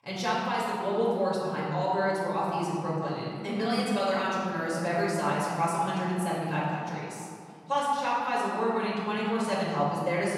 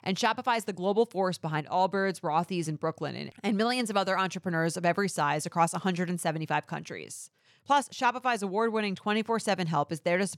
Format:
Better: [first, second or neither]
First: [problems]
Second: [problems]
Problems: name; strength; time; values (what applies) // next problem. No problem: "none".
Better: second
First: off-mic speech; far // room echo; strong; dies away in 2.2 s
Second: none